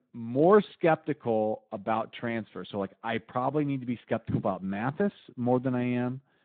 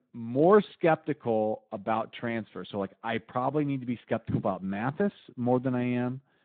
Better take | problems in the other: neither | phone-call audio; nothing above 4 kHz; the same in both

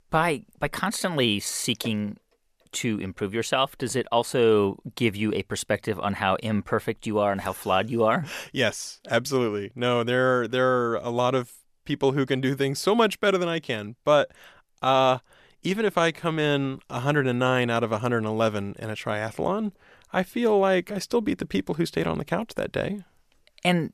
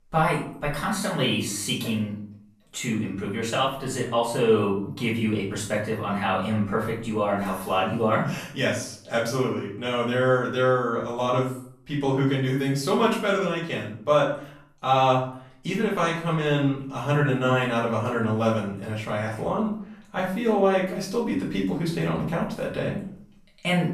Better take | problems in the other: first | room echo; noticeable; dies away in 0.5 s // off-mic speech; far

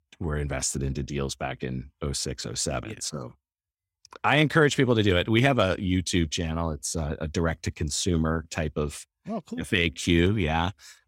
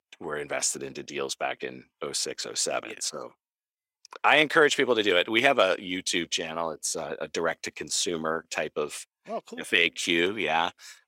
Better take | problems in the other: first | thin; somewhat; fading below 500 Hz

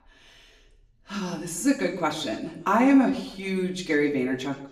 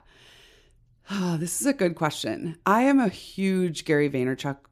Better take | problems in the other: second | room echo; slight; dies away in 0.7 s // off-mic speech; far

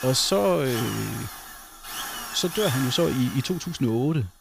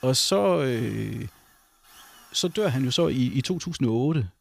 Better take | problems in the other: second | machinery noise; loud; throughout; 9 dB below the speech; faint in the second

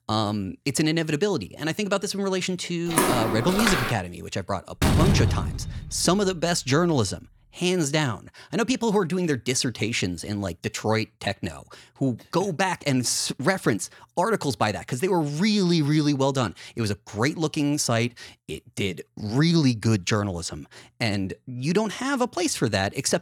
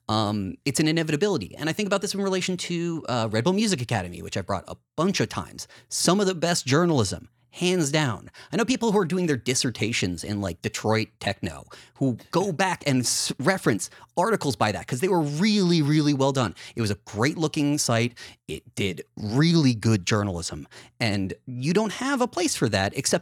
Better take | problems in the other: second | footsteps; loud; from 3 to 4 s; peak 3 dB above the speech // door banging; loud; from 5 to 6 s; peak 5 dB above the speech

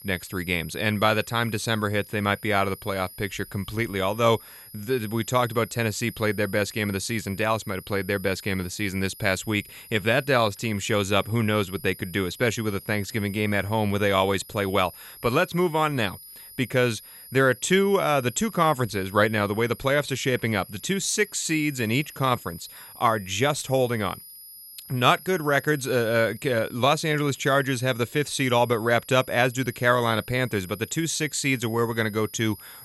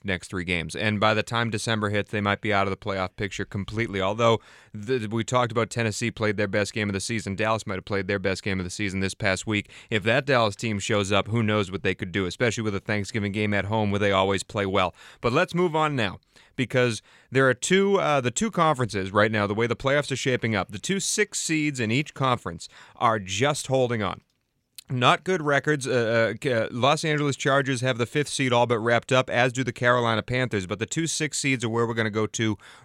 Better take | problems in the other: second | high-pitched whine; noticeable; throughout; 11.5 kHz, 20 dB below the speech

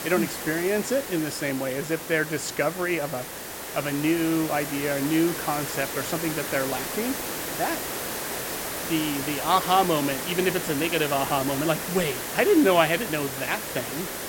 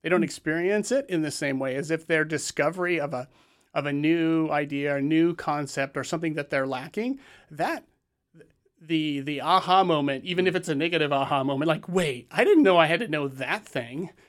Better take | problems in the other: second | hiss; loud; throughout; 5 dB below the speech

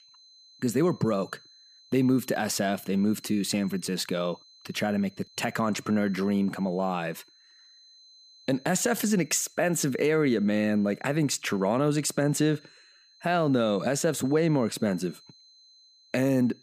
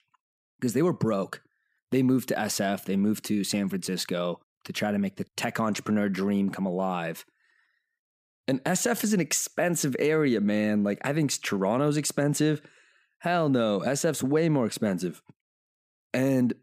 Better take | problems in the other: second | high-pitched whine; faint; throughout; 4 kHz, 25 dB below the speech

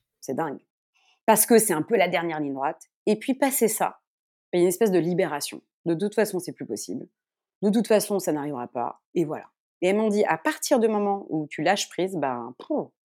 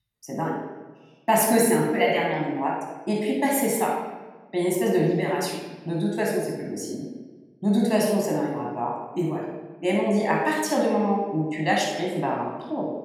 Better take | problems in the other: first | off-mic speech; somewhat distant // room echo; noticeable; dies away in 1 s

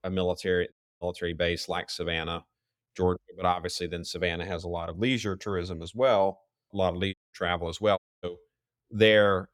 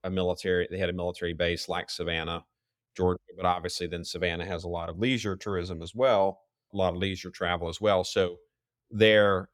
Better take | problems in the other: second | audio cutting out; at 0.5 s, at 7 s and at 8 s

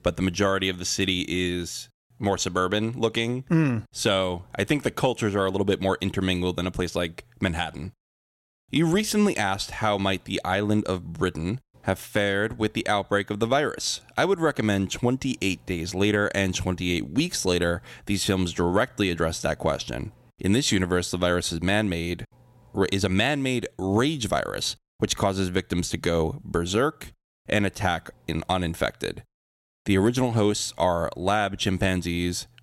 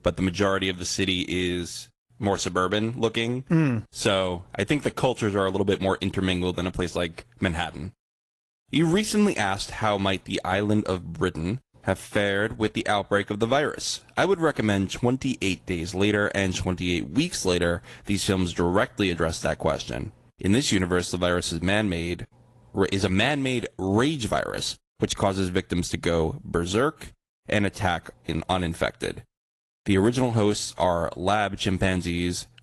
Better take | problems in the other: first | garbled, watery; slightly; nothing above 11.5 kHz

